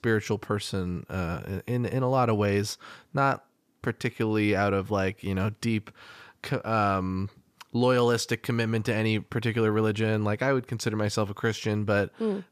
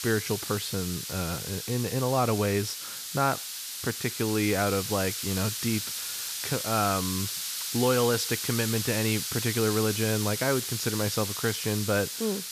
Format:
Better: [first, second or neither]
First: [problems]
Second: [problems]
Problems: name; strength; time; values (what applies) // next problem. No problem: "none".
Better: first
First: none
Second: hiss; loud; throughout; 3 dB below the speech